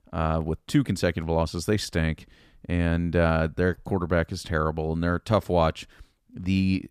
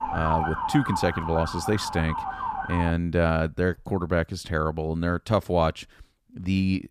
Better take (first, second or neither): first